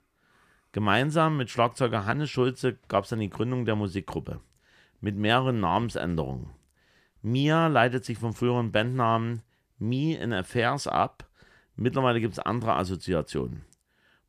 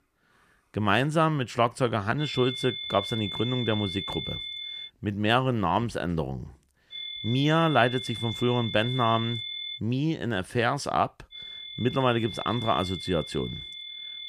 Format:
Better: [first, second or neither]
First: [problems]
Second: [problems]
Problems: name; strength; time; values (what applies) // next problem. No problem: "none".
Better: first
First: none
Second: high-pitched whine; loud; from 2 to 5 s, from 7 to 10 s and from 11 s on; 3.5 kHz, 7 dB below the speech